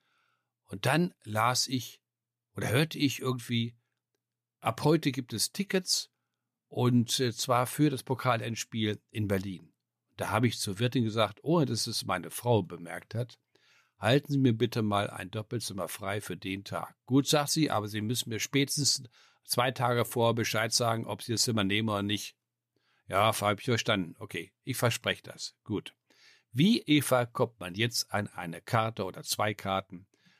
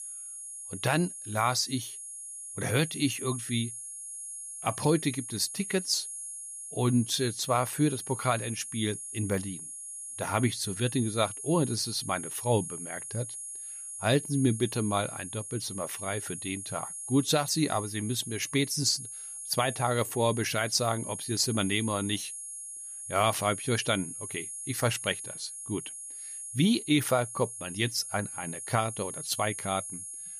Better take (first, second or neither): first